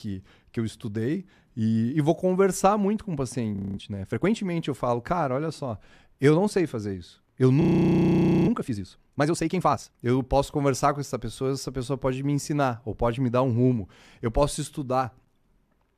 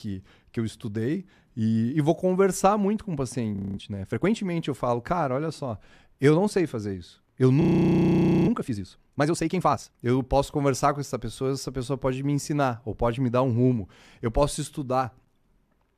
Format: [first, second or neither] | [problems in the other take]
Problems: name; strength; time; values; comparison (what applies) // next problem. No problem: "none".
neither | audio freezing; at 3.5 s and at 7.5 s for 1 s; the same in both